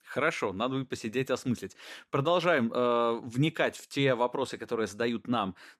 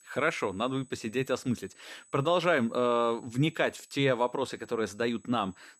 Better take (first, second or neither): first